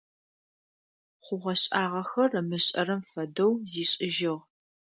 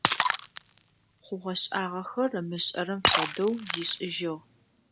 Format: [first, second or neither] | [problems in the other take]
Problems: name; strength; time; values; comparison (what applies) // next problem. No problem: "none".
first | background sound (Shatter); as loud as the speech